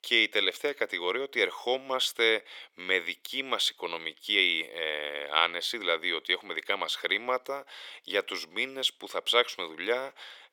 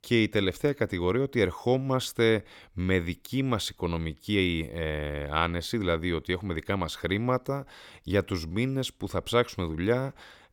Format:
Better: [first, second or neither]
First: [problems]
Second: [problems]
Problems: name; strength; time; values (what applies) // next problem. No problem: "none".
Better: second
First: thin; very; fading below 450 Hz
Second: none